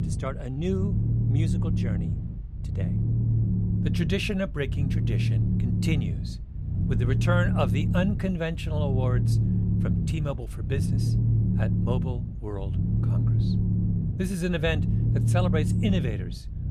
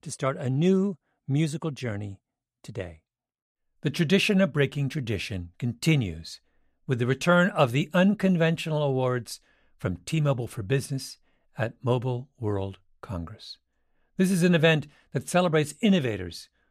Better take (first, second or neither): second